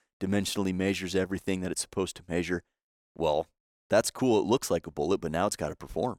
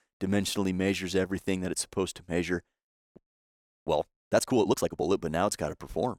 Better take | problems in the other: first | audio freezing; at 3 s for 0.5 s

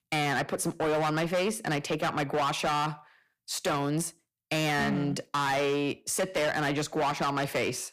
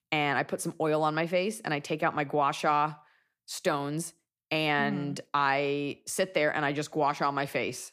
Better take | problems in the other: second | distortion; heavy; 17% of the sound clipped

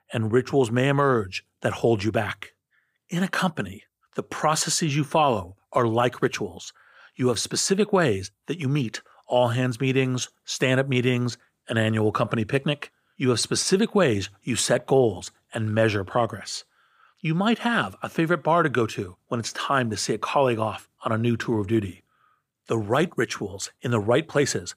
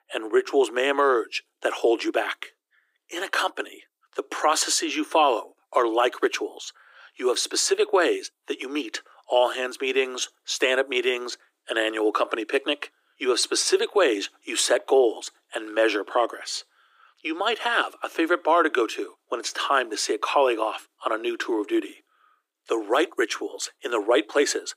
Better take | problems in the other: first | thin; very; fading below 300 Hz

